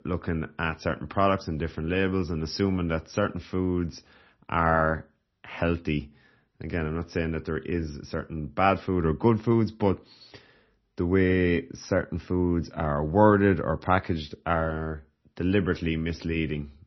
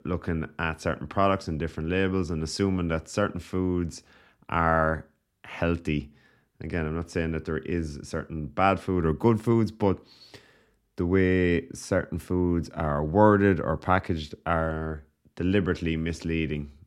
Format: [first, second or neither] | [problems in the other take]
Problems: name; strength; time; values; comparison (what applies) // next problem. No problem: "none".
second | garbled, watery; slightly; nothing above 6 kHz